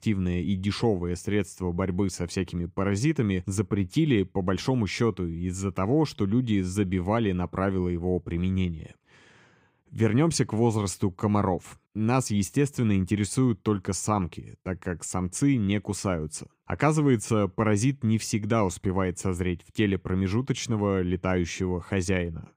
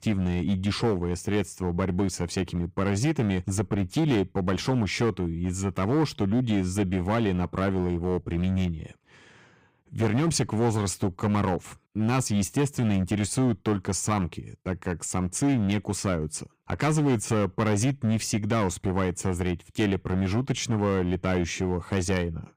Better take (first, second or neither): first